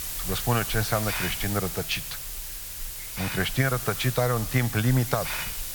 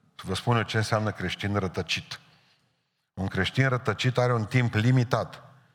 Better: second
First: hiss; loud; throughout; 4 dB below the speech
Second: none

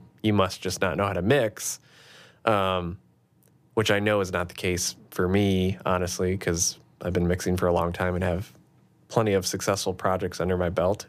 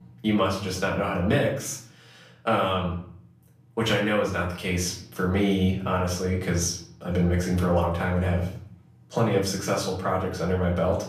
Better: first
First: none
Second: off-mic speech; far // room echo; slight; dies away in 0.5 s

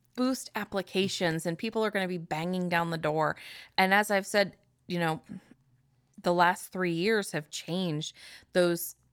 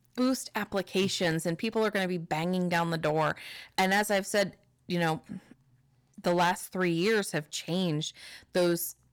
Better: first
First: none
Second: distortion; slight; 5% of the sound clipped

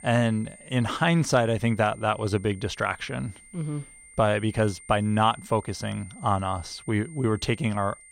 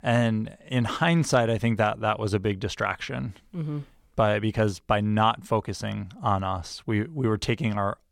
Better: second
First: high-pitched whine; faint; throughout; 9 kHz, 20 dB below the speech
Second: none

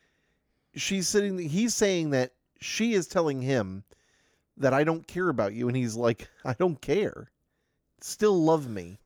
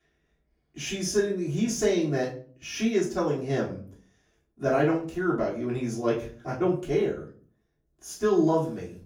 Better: first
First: none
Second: off-mic speech; far // room echo; slight; dies away in 0.4 s

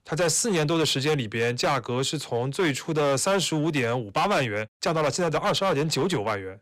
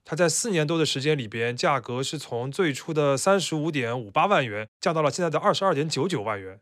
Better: second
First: distortion; heavy; 14% of the sound clipped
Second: none

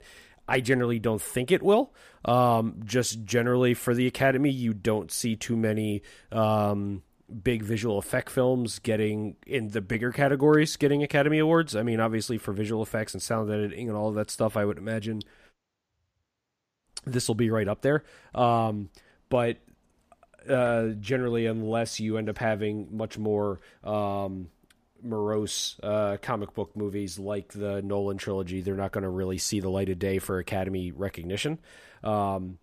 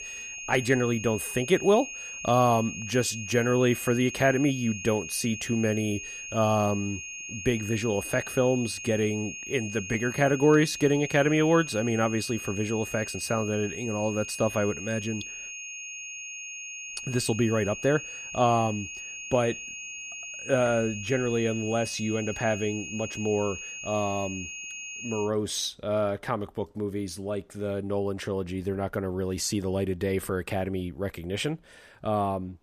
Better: first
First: none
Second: high-pitched whine; loud; until 25 s; 2.5 kHz, 9 dB below the speech

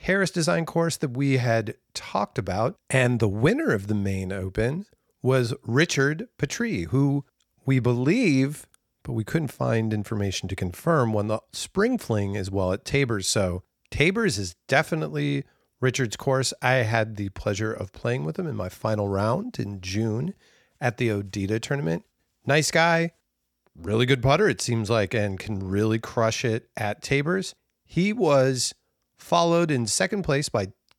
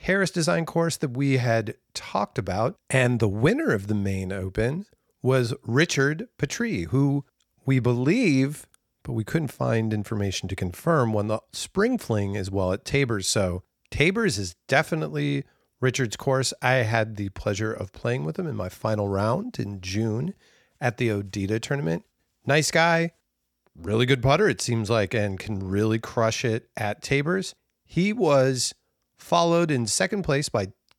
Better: neither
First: none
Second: none

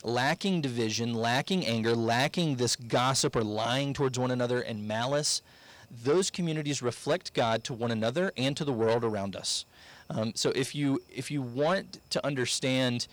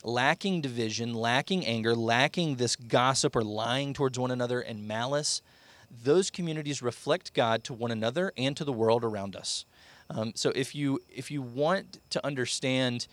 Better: second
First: distortion; slight; 10 dB below the speech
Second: none

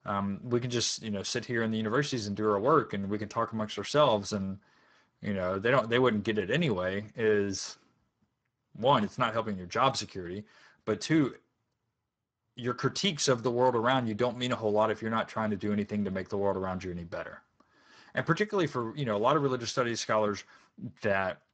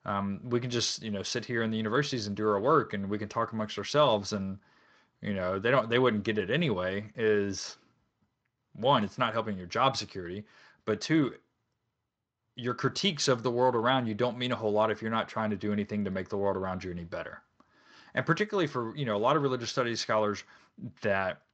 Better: second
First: garbled, watery; badly; nothing above 7.5 kHz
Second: garbled, watery; slightly

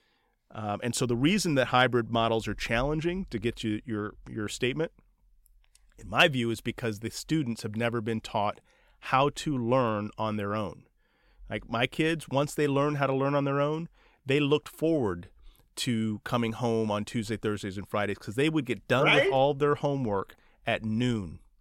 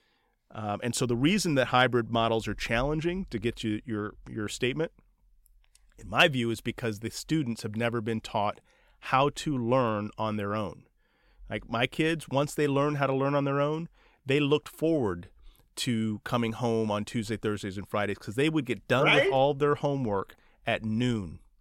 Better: neither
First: none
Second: none

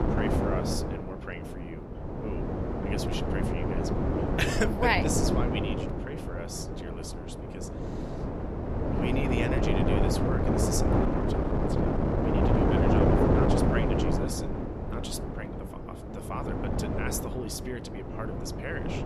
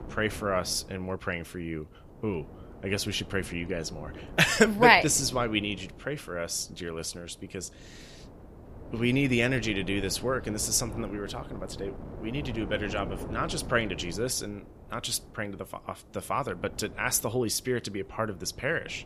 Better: second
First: wind noise on the microphone; heavy; 3 dB above the speech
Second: wind noise on the microphone; occasional gusts; 20 dB below the speech

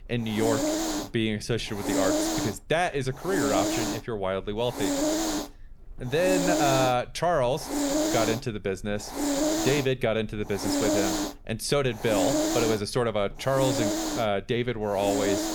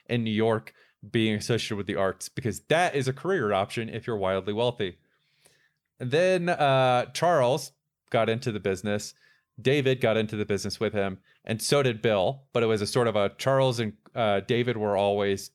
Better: second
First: hiss; loud; throughout; as loud as the speech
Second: none

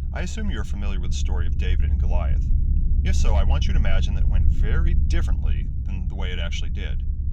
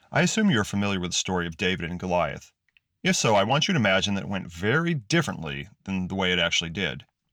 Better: second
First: low rumble; loud; throughout; 7 dB below the speech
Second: none

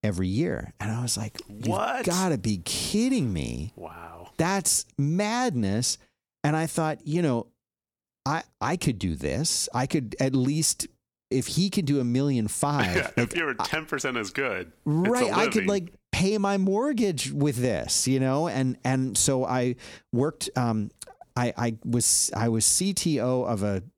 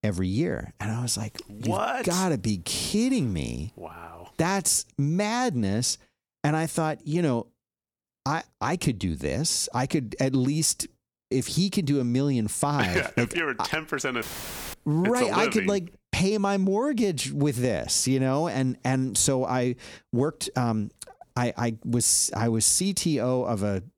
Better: first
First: none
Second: audio cutting out; filled with static; at 14 s for 0.5 s

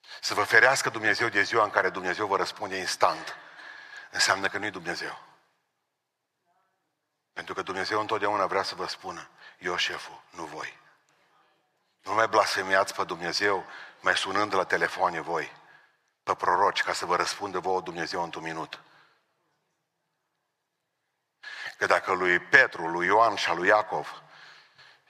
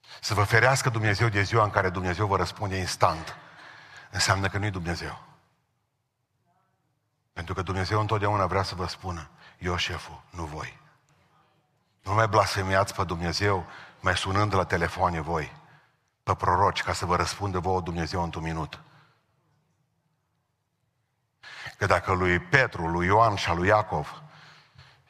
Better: second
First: thin; very; fading below 350 Hz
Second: none

